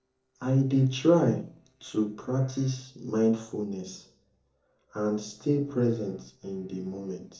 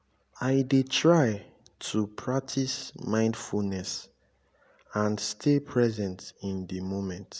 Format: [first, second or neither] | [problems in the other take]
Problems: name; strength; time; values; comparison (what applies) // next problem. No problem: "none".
second | noise reduction (neural separator model SepFormer DNS4)